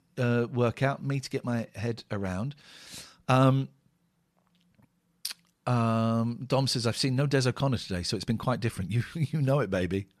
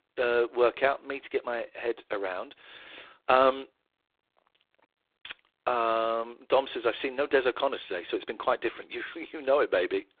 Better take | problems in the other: first | phone-call audio; poor line; nothing above 3.5 kHz

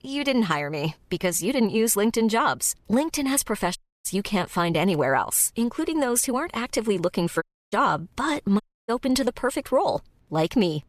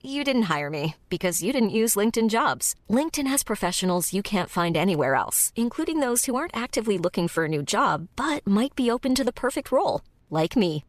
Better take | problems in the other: second | audio cutting out; at 4 s, at 7.5 s and at 8.5 s

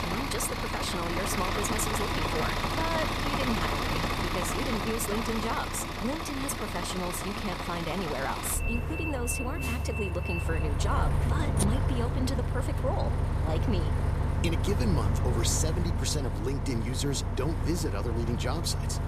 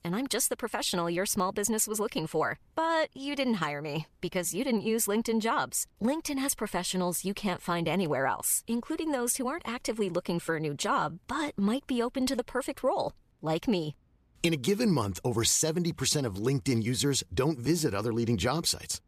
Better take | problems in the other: second | traffic noise; very loud; throughout; 3 dB above the speech

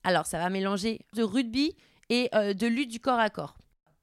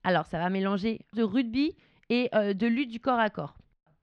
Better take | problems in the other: first | muffled; slightly; fading above 3.5 kHz

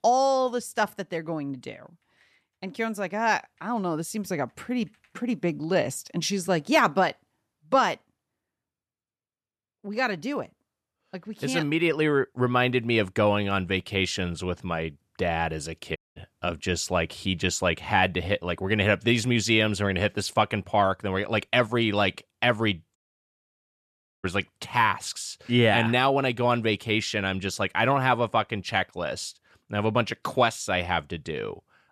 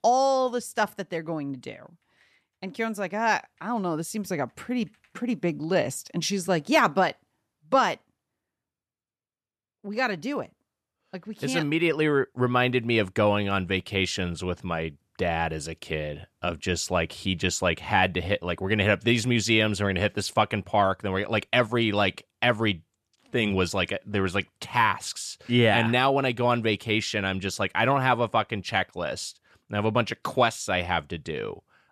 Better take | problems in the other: second | audio cutting out; at 16 s and at 23 s for 1.5 s

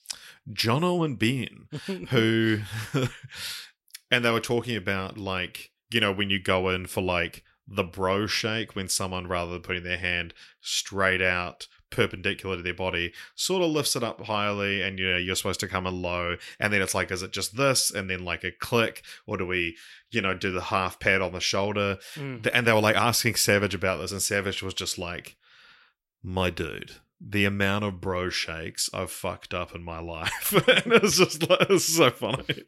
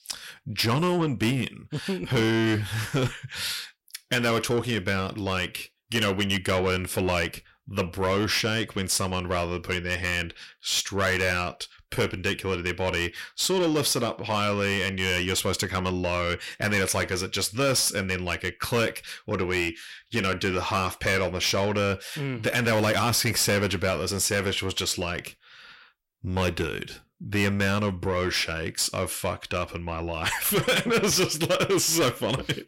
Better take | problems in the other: first | distortion; heavy; 7 dB below the speech

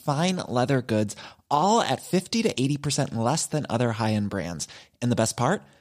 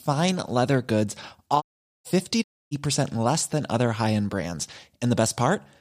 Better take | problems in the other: first | audio cutting out; at 1.5 s and at 2.5 s

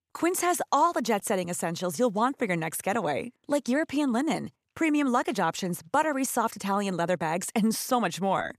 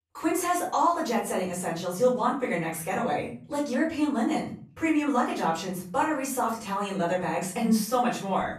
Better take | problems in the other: first | off-mic speech; far // room echo; noticeable; dies away in 0.5 s

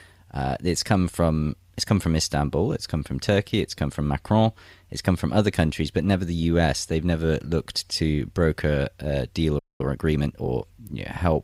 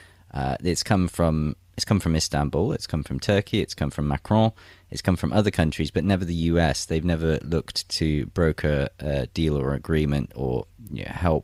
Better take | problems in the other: second | audio freezing; at 9.5 s

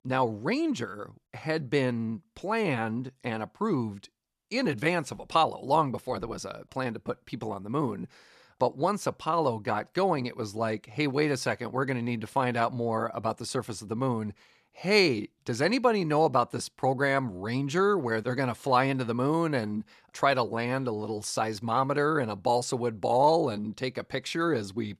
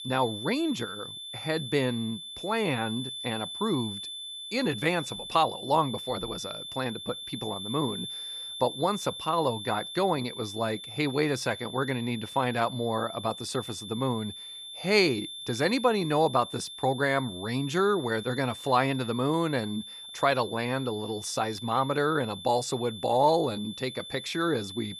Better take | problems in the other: first | high-pitched whine; loud; throughout; 3.5 kHz, 9 dB below the speech

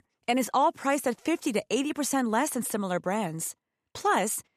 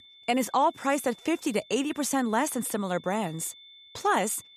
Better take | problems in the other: first | high-pitched whine; faint; throughout; 3.5 kHz, 25 dB below the speech

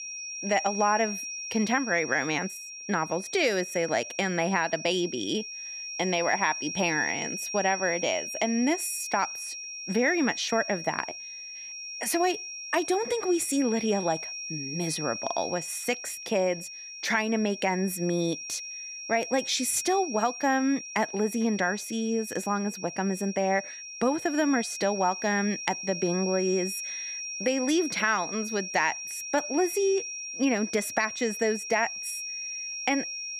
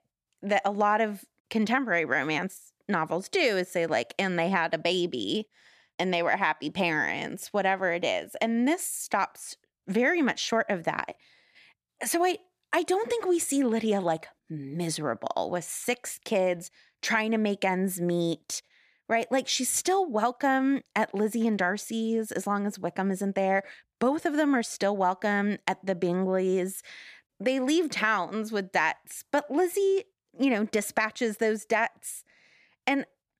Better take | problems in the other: second | high-pitched whine; loud; throughout; 5.5 kHz, 7 dB below the speech

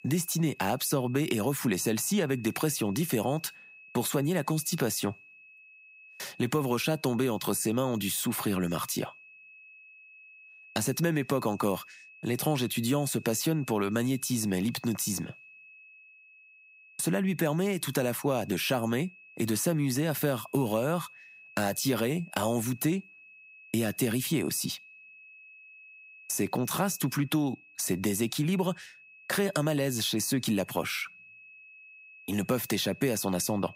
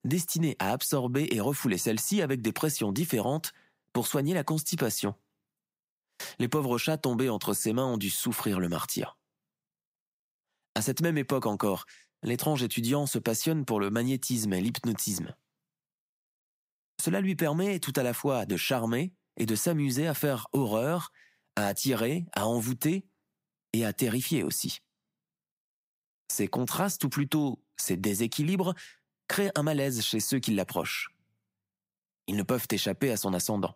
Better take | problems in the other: second | high-pitched whine; faint; throughout; 2.5 kHz, 20 dB below the speech

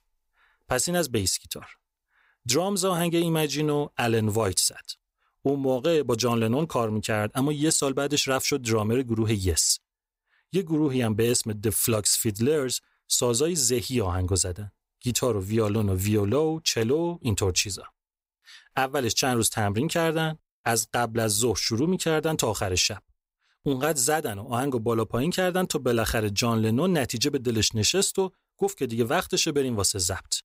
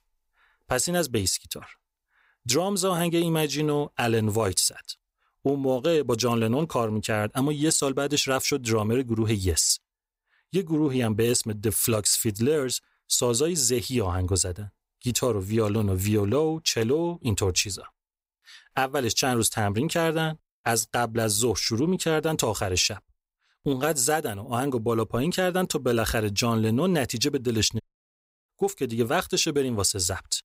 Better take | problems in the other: first | audio cutting out; at 28 s for 0.5 s

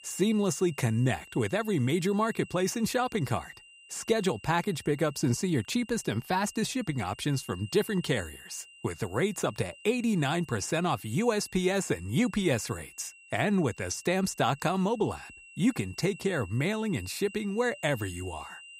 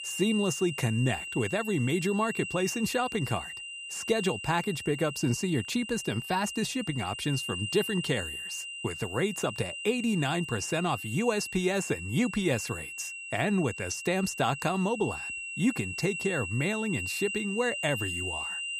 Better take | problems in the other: first | high-pitched whine; loud; throughout; 3 kHz, 6 dB below the speech; faint in the first

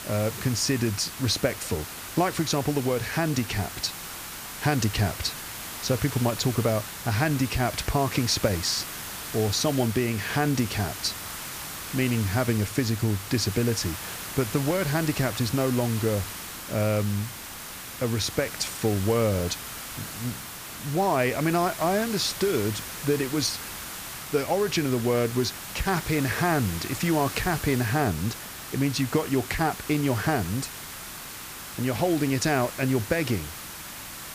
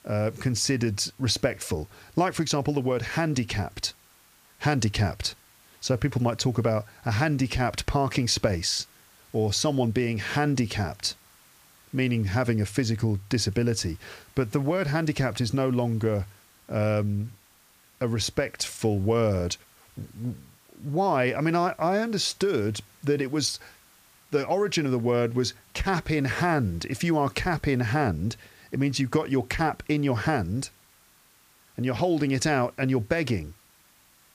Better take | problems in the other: second | hiss; loud; throughout; 9 dB below the speech; faint in the second

